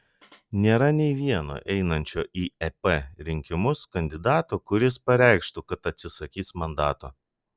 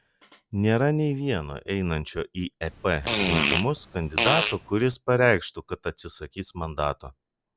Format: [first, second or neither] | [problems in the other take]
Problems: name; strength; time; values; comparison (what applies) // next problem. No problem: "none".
first | background sound (Fart); as loud as the speech